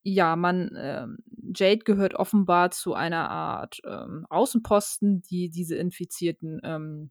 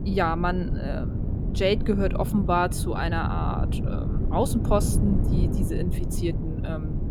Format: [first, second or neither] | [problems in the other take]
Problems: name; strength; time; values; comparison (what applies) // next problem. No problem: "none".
first | wind noise on the microphone; heavy; 10 dB below the speech